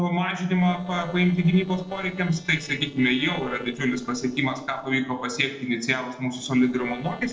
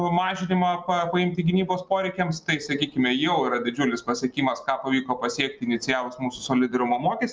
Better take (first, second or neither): second